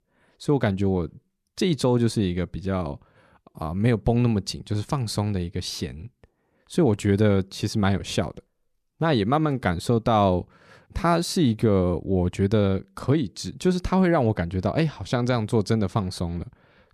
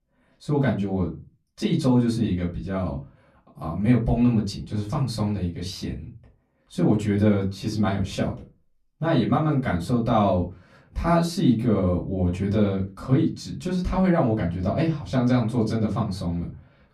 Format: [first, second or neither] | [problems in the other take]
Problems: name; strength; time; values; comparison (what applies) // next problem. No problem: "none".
first | off-mic speech; far // room echo; very slight; dies away in 0.3 s